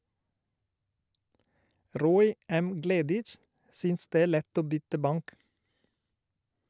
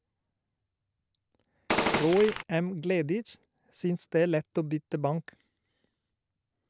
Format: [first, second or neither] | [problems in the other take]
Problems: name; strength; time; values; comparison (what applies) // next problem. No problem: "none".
first | background sound (Gunshot, gunfire); 2 dB above the speech